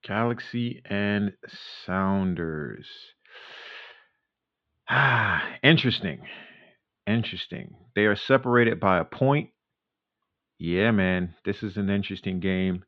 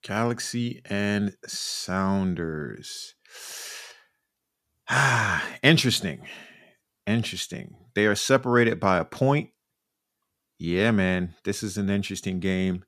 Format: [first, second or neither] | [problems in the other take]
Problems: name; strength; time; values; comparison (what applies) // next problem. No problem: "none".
second | muffled; slightly; fading above 3.5 kHz